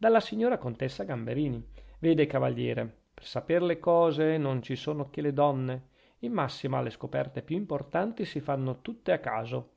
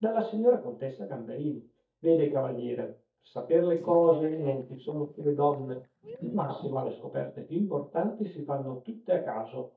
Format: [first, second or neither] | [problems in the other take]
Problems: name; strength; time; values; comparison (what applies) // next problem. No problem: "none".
first | noise reduction (neural mask model DeepFilterNet 3)